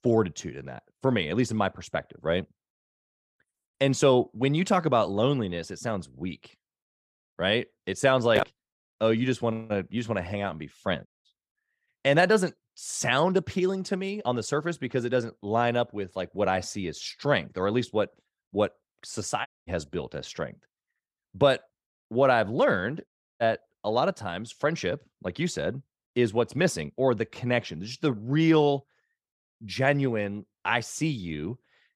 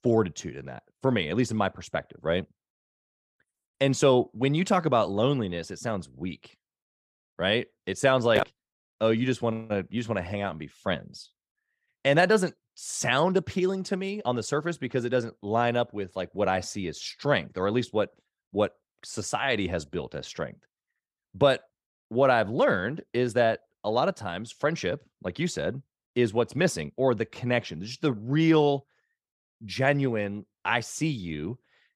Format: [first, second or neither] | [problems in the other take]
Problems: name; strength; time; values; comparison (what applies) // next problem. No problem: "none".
second | audio cutting out; at 11 s, at 19 s and at 23 s